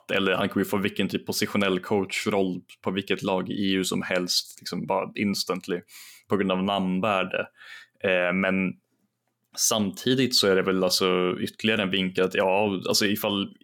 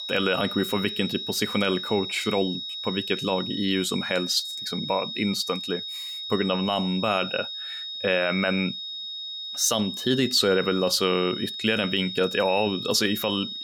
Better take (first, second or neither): first